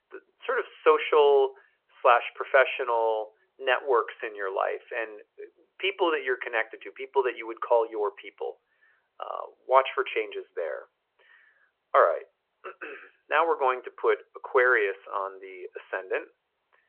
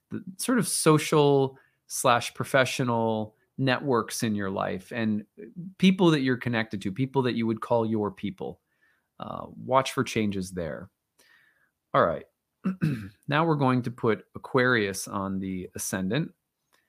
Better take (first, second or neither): second